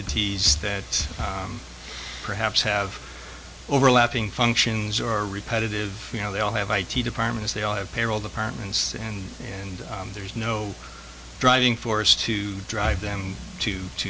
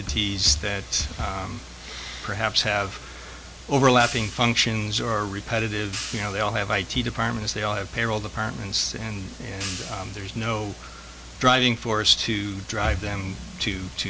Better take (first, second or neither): first